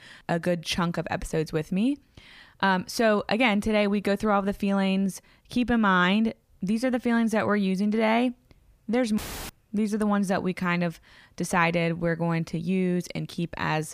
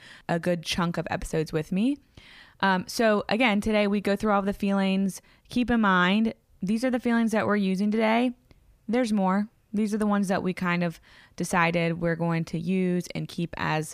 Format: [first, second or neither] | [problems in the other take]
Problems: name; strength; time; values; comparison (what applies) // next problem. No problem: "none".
second | audio cutting out; filled with static; at 9 s